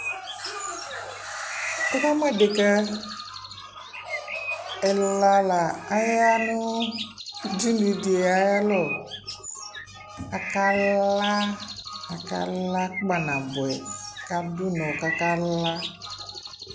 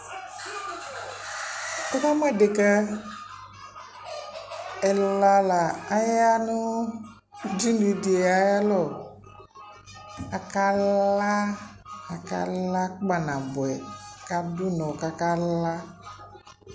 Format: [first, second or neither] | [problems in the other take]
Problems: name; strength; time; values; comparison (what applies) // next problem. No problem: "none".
second | background sound (Bird); 9 dB below the speech